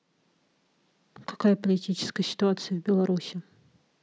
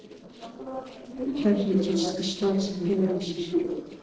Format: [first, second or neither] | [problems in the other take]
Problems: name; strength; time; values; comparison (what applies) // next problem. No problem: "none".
first | noise reduction (neural separator model SepFormer DNS4)